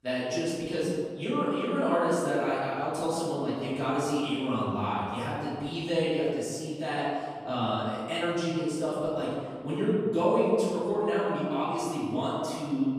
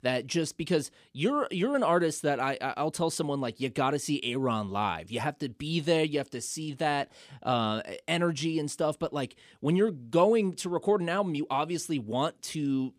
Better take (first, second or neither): second